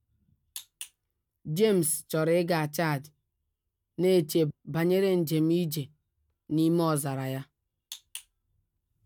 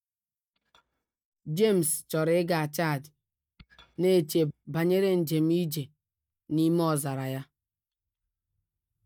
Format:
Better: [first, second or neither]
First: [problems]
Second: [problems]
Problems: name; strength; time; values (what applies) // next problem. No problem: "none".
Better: first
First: none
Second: noise reduction (neural mask model DeepFilterNet 3)